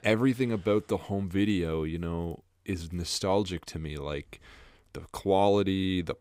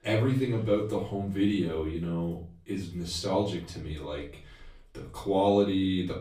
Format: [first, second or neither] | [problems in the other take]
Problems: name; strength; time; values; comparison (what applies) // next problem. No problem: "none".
first | room echo; slight; dies away in 0.4 s // off-mic speech; far